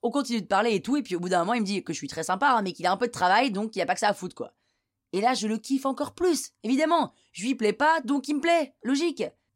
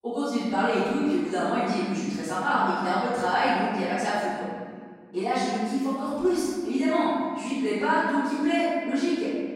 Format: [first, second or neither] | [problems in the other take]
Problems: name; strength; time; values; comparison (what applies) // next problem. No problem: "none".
first | room echo; strong; dies away in 1.8 s // off-mic speech; far